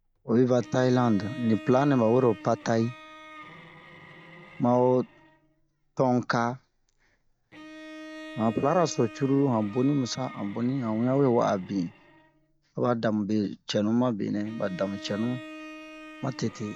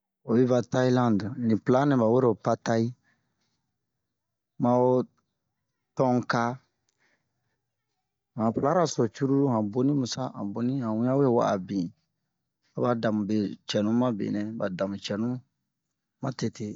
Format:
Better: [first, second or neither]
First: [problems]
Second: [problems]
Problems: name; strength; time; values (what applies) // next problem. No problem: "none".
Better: second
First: background sound (Bowed string instrument); 19 dB below the speech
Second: none